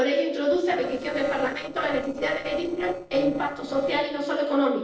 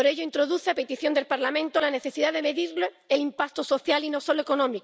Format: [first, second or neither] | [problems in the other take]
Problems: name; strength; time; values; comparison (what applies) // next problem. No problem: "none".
second | noise reduction (neural separator model SepFormer DNS4)